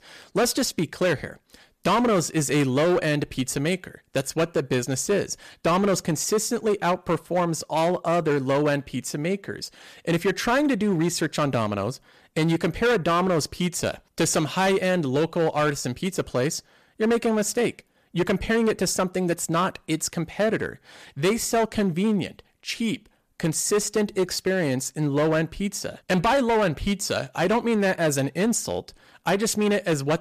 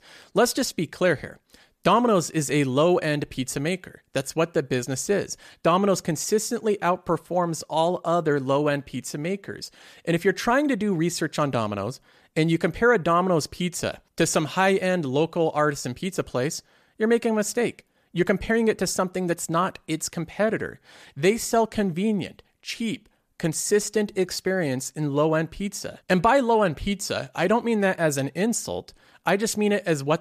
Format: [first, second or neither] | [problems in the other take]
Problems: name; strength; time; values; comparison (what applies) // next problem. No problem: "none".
second | distortion; slight; 9% of the sound clipped